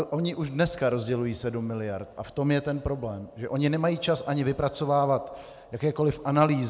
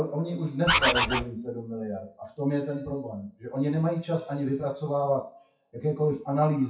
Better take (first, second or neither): first